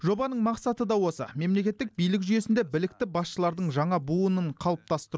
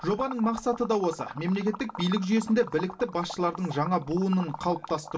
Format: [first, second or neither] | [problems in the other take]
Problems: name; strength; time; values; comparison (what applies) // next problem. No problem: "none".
first | background sound (Liquid); 14 dB below the speech // room echo; dies away in 0.2 s